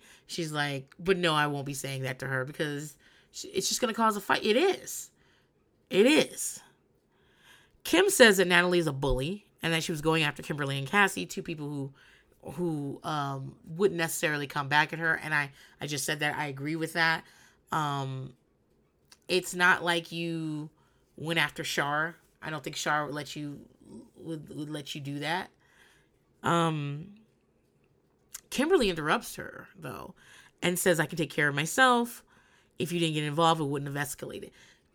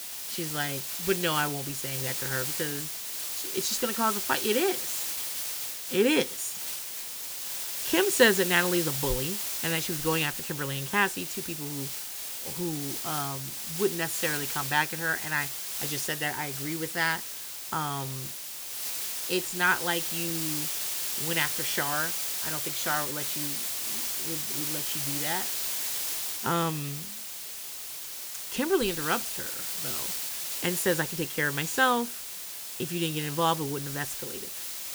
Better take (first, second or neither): first